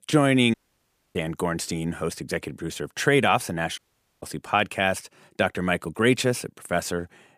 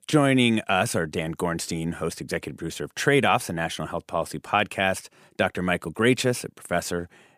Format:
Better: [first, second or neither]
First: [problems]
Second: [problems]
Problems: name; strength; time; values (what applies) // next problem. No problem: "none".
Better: second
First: audio cutting out; at 0.5 s for 0.5 s and at 4 s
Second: none